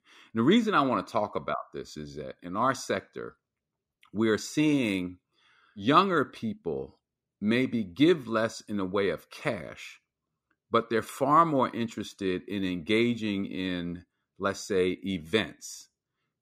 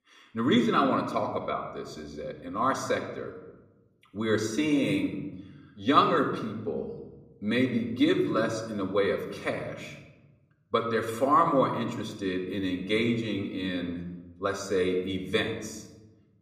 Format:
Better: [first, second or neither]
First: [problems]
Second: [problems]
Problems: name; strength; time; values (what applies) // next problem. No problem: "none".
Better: first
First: none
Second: room echo; slight; dies away in 1 s // off-mic speech; somewhat distant